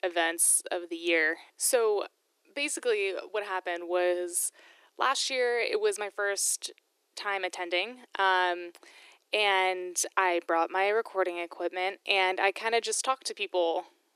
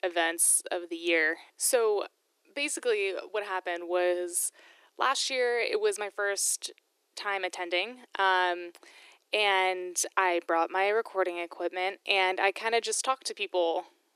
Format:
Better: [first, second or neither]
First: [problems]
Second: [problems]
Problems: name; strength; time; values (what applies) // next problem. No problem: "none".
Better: neither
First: thin; very; fading below 350 Hz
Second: thin; very; fading below 350 Hz